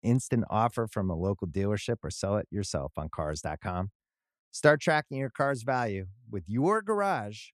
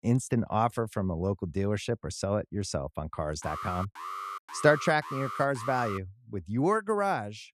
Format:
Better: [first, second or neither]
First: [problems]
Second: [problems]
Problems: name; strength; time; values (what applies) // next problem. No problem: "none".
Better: first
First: none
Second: alarm; noticeable; from 3.5 to 6 s; peak 7 dB below the speech